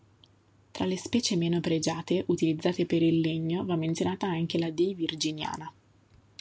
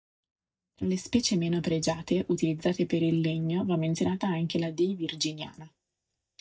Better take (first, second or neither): first